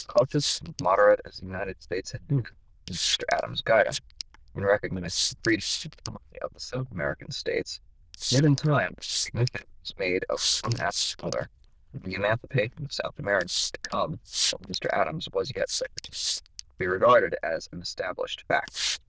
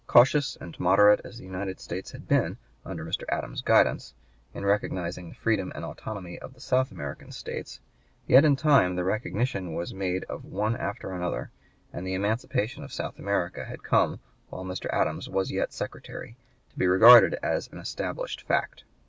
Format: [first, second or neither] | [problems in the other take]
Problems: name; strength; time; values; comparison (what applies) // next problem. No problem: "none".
second | noise reduction (neural diffusion model UNIVERSE++)